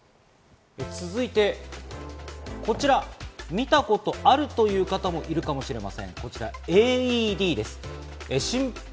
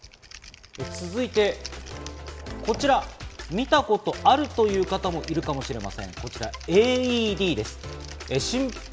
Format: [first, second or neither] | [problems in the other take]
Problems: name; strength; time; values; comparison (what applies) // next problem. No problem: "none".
first | background sound (Typing); 19 dB below the speech